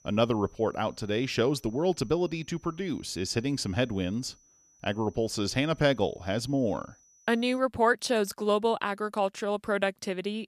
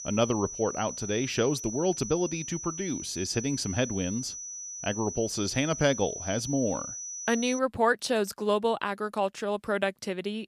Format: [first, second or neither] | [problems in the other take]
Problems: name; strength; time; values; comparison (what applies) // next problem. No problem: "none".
first | high-pitched whine; loud; until 7.5 s; 6 kHz, 7 dB below the speech; faint in the first